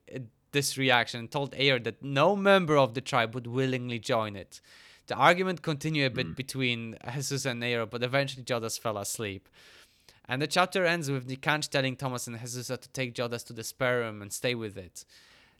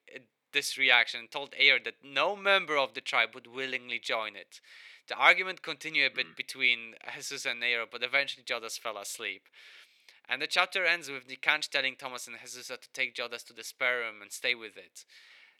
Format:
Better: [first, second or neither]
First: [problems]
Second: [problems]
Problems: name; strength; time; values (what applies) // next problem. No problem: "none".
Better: first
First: none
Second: thin; somewhat; fading below 400 Hz